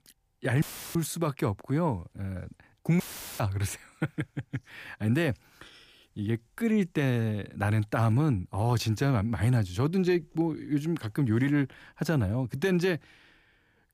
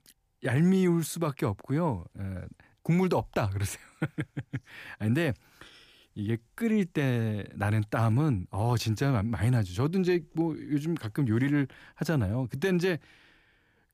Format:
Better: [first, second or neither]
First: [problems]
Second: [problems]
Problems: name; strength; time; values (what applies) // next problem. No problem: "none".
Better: second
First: audio cutting out; filled with static; at 0.5 s and at 3 s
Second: none